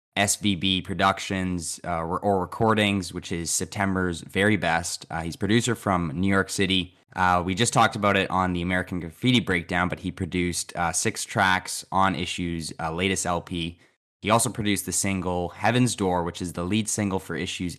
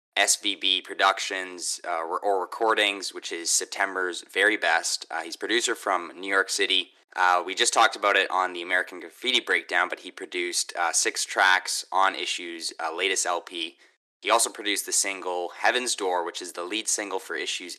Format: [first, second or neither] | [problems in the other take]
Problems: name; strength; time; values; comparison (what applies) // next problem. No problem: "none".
first | thin; very; fading below 350 Hz